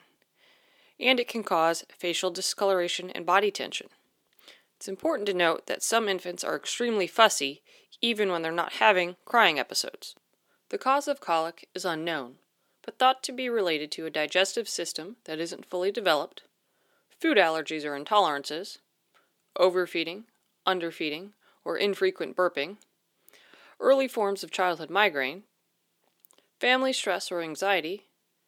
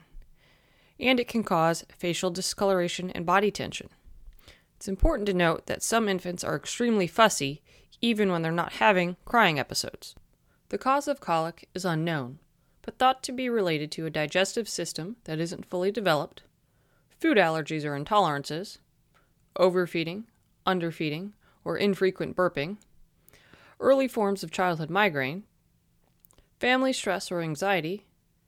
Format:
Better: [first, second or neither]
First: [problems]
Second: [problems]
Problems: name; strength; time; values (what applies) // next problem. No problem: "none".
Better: second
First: thin; somewhat; fading below 300 Hz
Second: none